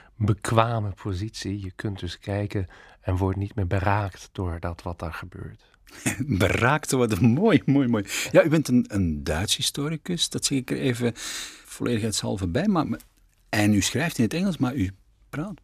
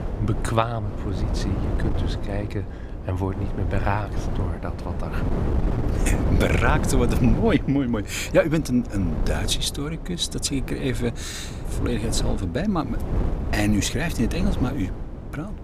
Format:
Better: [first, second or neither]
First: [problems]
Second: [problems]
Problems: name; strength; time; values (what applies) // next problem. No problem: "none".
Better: first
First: none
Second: wind noise on the microphone; heavy; 8 dB below the speech